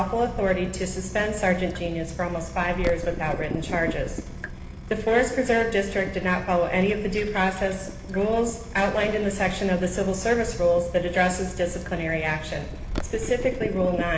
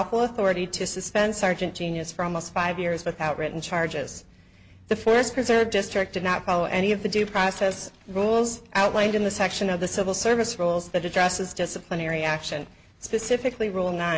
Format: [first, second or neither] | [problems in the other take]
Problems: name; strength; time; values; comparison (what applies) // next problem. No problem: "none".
second | background sound (Drip / Water tap, faucet); 9 dB below the speech // room echo; dies away in 1.1 s